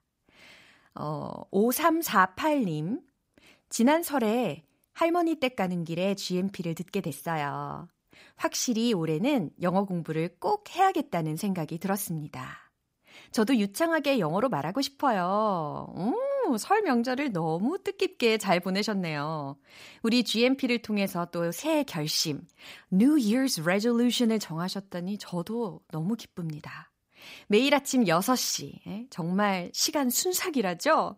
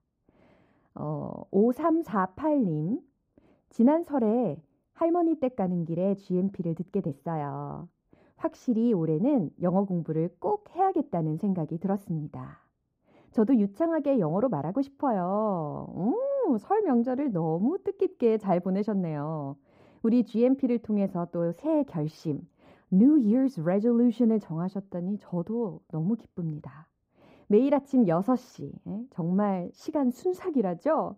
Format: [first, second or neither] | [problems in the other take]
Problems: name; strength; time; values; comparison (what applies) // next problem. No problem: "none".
first | muffled; very; fading above 1.5 kHz